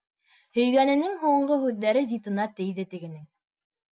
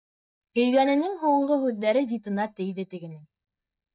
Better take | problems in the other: first | noise reduction (neural mask model DeepFilterNet 3)

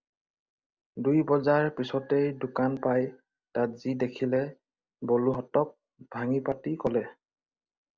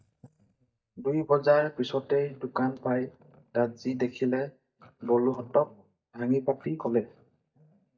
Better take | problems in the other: first | noise reduction (neural mask model DeepFilterNet 3)

